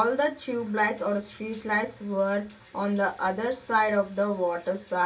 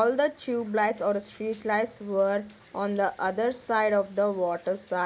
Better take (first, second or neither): second